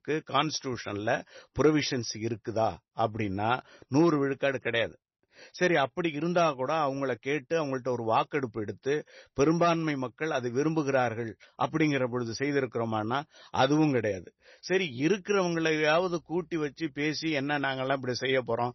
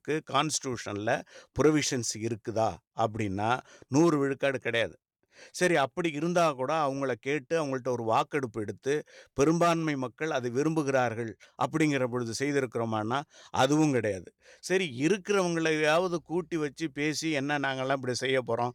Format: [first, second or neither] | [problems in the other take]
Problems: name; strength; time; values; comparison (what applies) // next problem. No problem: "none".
second | garbled, watery; slightly; nothing above 6 kHz